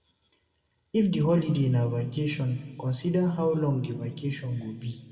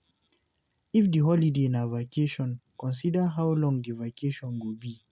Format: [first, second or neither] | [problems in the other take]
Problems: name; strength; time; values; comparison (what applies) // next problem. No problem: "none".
second | room echo; dies away in 1.7 s